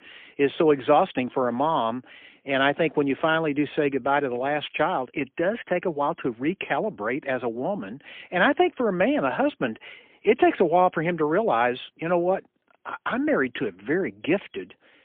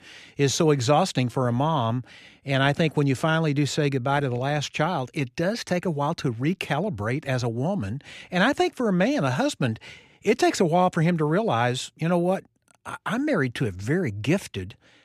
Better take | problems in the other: second | phone-call audio; poor line; nothing above 3.5 kHz

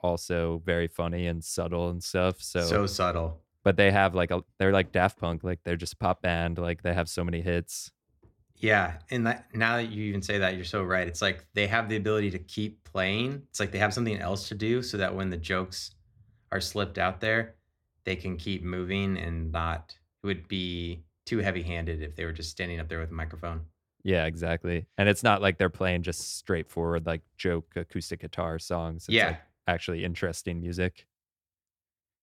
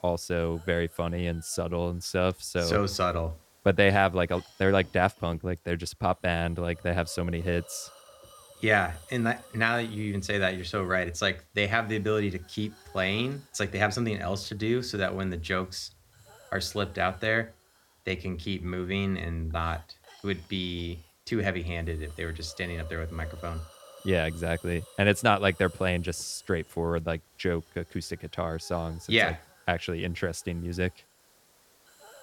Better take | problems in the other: first | hiss; faint; throughout; 25 dB below the speech

